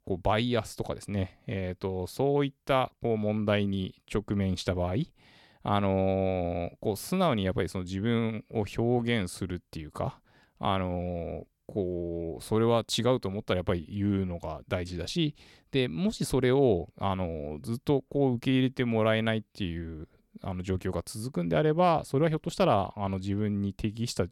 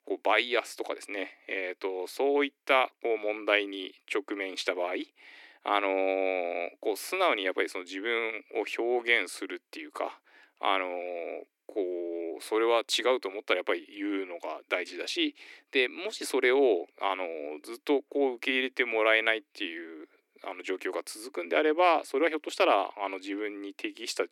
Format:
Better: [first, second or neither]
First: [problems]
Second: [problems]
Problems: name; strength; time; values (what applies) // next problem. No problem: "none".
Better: first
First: none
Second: thin; somewhat; fading below 300 Hz